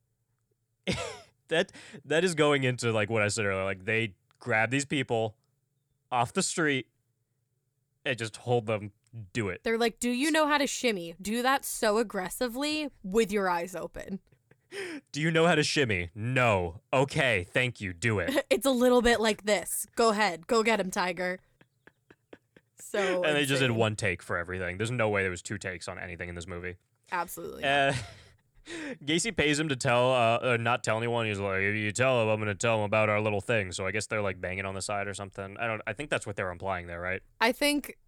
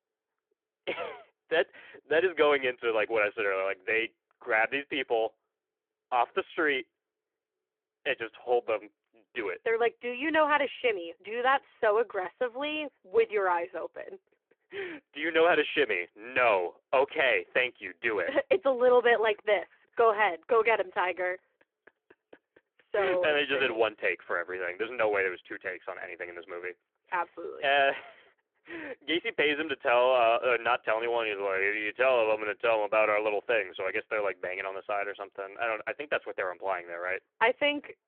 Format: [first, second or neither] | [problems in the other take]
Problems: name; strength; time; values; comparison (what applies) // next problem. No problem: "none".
first | phone-call audio